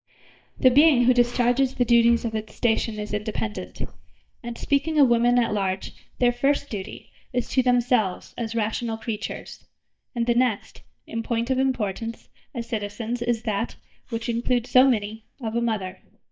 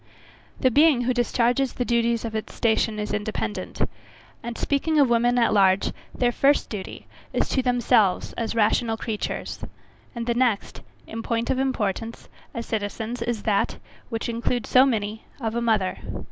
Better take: second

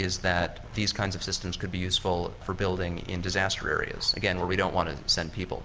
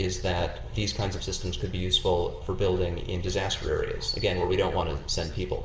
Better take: first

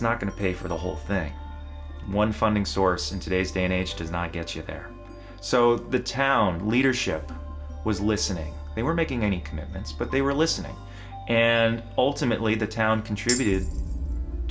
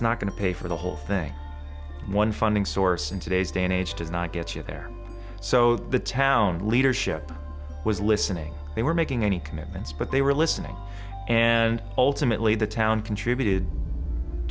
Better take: second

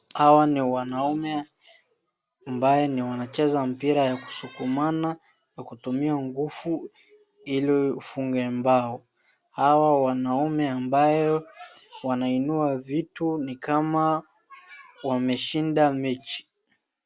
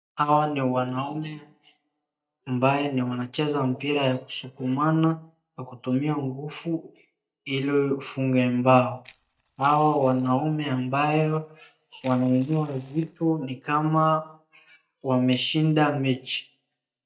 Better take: first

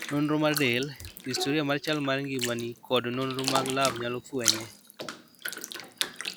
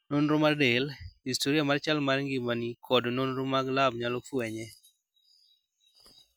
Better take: second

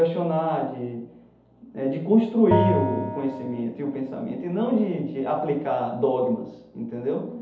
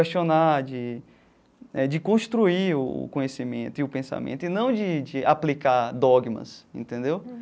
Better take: second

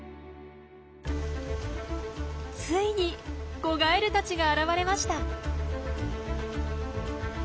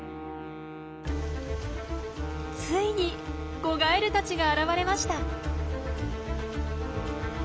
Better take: first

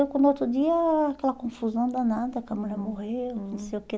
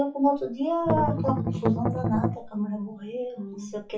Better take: first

